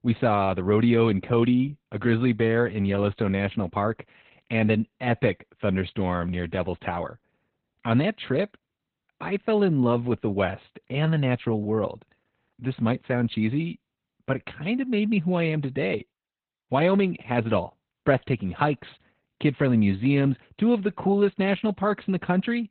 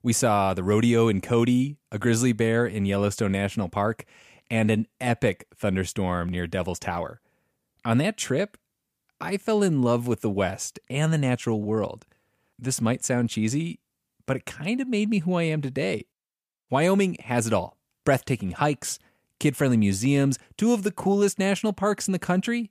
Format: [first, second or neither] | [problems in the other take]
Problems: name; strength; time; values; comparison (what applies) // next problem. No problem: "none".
second | garbled, watery; badly; nothing above 4 kHz